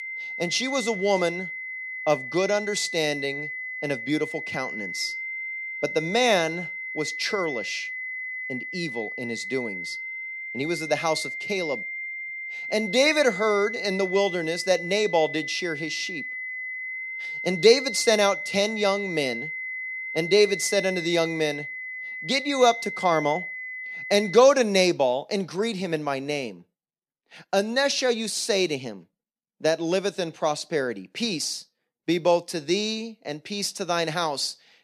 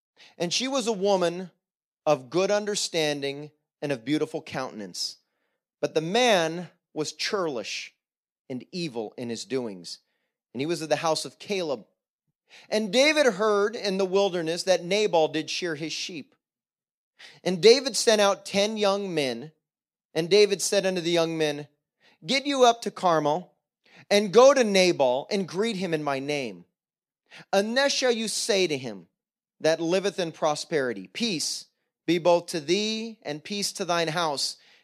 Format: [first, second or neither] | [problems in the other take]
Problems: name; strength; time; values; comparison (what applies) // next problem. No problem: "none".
second | high-pitched whine; loud; until 24 s; 2 kHz, 7 dB below the speech